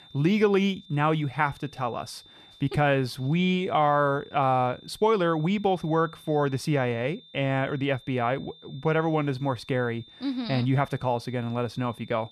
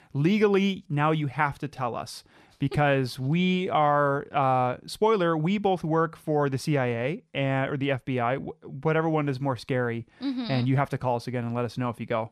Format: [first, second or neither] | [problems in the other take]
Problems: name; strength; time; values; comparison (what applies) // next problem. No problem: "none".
second | high-pitched whine; faint; throughout; 3.5 kHz, 25 dB below the speech